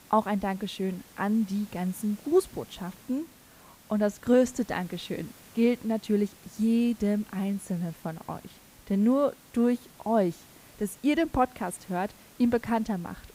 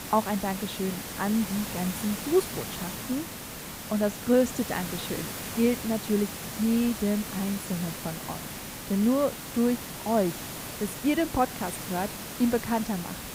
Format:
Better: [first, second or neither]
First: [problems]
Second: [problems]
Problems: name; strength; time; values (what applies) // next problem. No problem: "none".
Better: first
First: hiss; faint; throughout; 25 dB below the speech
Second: hiss; loud; throughout; 7 dB below the speech